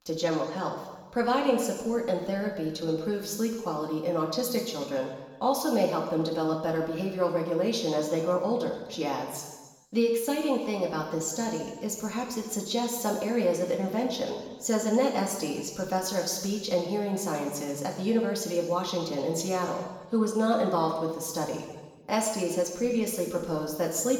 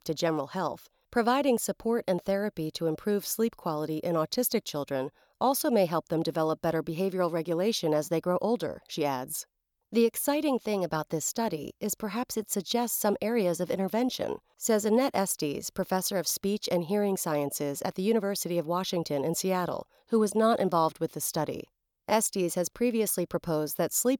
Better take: second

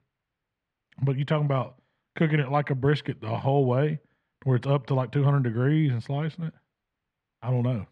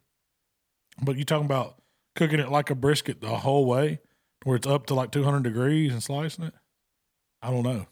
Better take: second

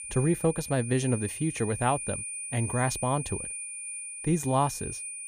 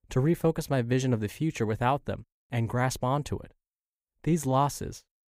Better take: second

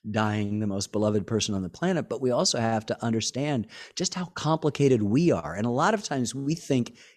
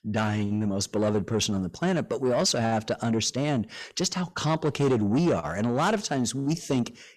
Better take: first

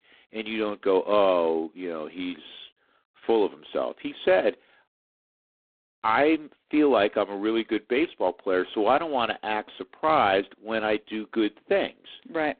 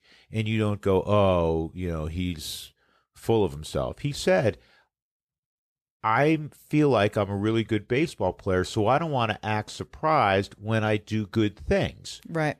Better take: second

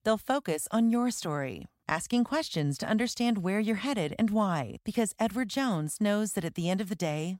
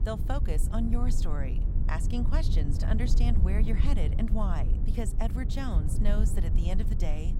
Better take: first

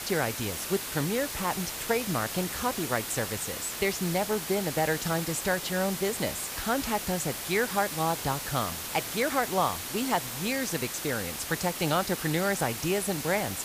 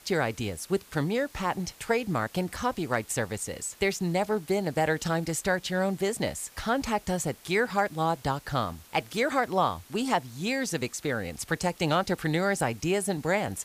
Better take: second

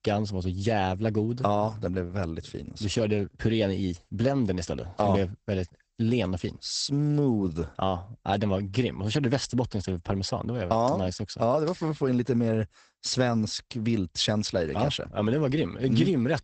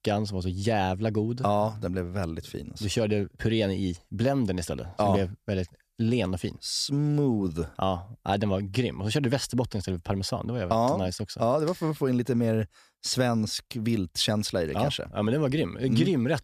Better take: second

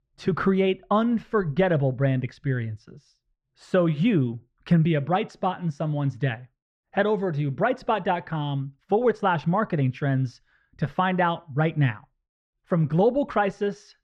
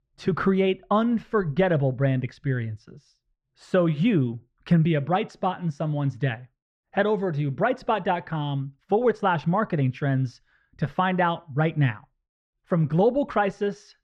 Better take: neither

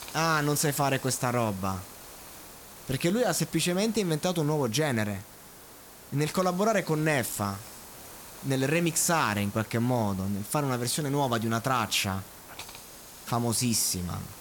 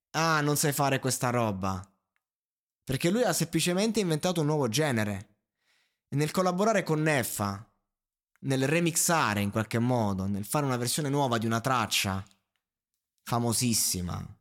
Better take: second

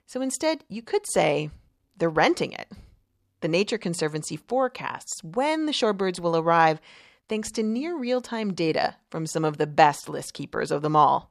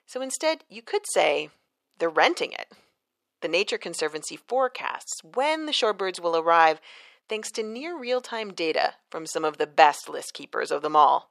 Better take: first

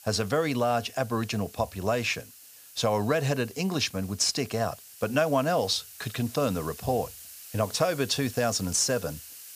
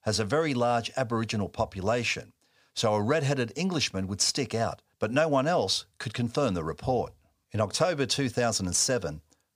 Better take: second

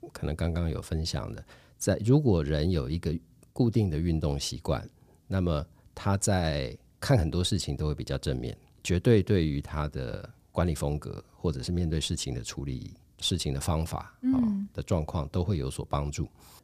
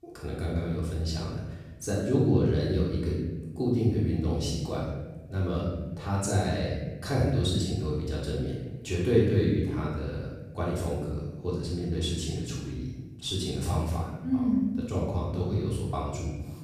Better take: first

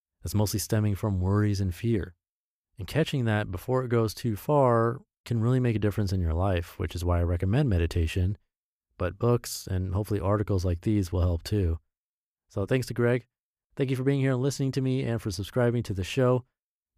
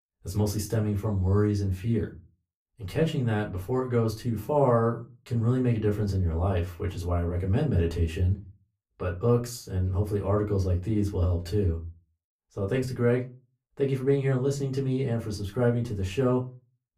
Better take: first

